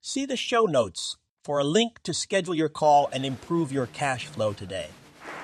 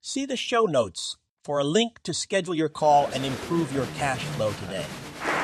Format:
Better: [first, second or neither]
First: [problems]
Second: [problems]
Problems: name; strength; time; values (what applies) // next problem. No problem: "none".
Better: first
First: crowd noise; faint; from 3 s on; 20 dB below the speech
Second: crowd noise; loud; from 3 s on; 8 dB below the speech